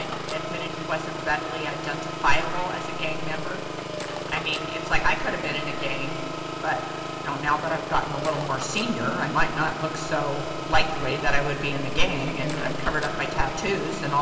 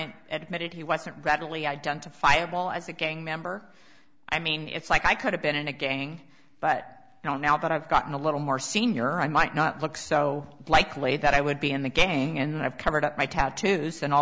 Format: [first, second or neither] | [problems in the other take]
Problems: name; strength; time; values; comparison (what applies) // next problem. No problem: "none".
second | background sound (Engine); 6 dB below the speech // room echo; dies away in 2.9 s